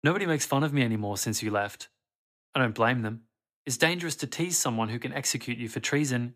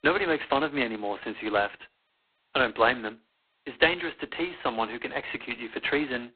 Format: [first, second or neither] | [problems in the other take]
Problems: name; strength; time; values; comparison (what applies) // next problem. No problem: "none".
first | phone-call audio; poor line; nothing above 4 kHz